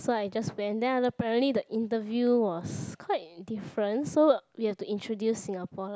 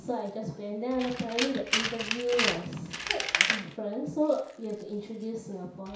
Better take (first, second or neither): first